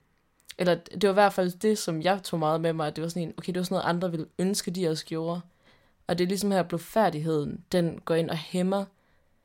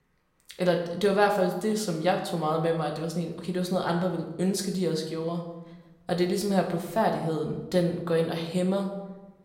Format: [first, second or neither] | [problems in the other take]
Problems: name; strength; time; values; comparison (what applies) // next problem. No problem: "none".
first | room echo; slight; dies away in 0.8 s